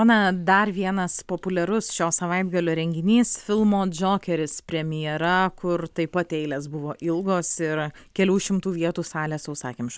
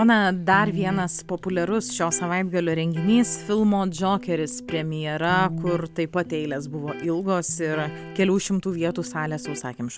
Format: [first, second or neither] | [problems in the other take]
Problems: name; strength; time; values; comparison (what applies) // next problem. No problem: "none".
first | background sound (Electric guitar); 12 dB below the speech